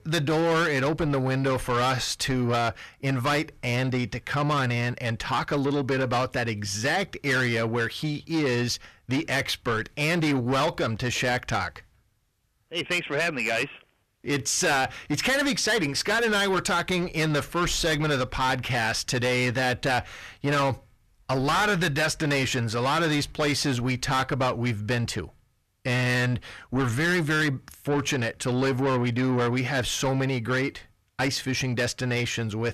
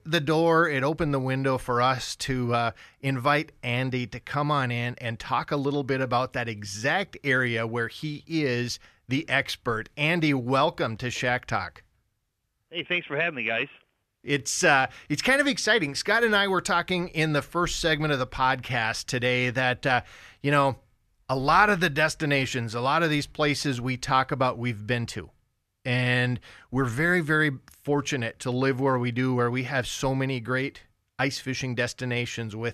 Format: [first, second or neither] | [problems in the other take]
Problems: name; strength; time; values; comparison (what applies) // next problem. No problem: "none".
second | distortion; heavy; 7 dB below the speech